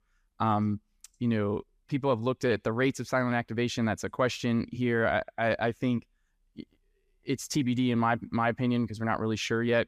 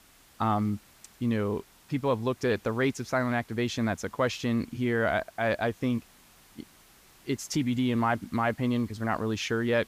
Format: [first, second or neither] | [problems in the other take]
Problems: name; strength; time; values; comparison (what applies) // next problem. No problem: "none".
first | hiss; faint; throughout; 25 dB below the speech